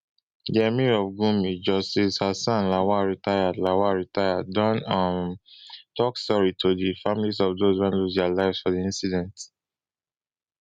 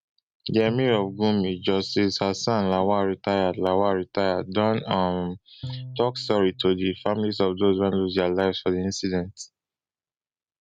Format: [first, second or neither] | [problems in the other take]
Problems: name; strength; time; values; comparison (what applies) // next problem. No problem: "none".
first | background sound (Bowed string instrument); 19 dB below the speech